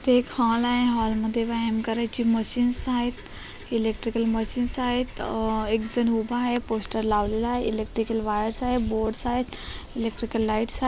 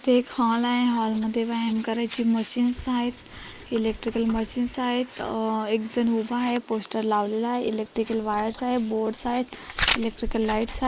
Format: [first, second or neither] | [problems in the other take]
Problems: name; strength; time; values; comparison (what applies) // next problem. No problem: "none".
first | noise reduction (neural mask model Resemble Enhance denoiser)